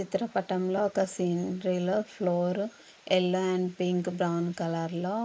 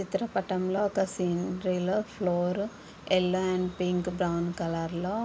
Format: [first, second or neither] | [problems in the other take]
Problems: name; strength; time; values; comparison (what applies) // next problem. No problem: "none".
second | noise reduction (neural mask model Resemble Enhance denoiser)